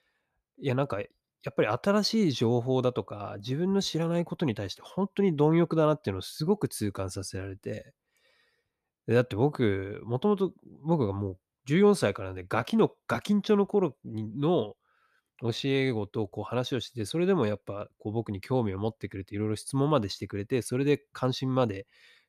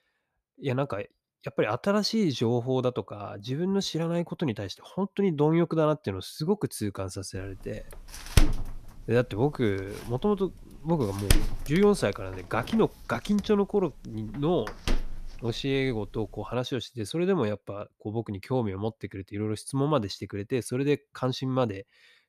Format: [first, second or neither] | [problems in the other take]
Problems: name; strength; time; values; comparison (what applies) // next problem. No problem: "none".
first | door banging; loud; from 8.5 to 15 s; peak 3 dB above the speech